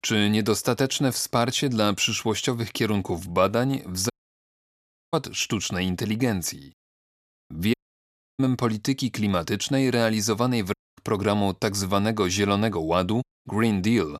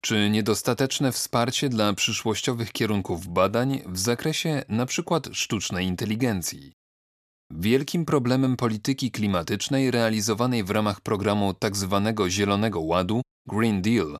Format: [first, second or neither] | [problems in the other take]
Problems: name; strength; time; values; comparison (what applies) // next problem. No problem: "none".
second | audio cutting out; at 4 s for 1 s, at 7.5 s for 0.5 s and at 11 s